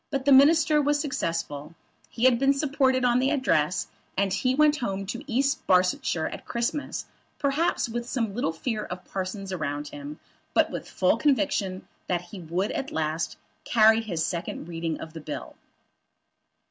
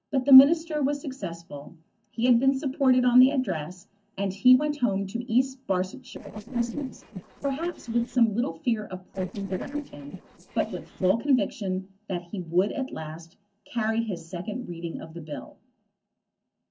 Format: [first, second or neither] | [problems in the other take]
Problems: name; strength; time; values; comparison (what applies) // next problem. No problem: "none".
first | noise reduction (neural separator model SepFormer DNS4)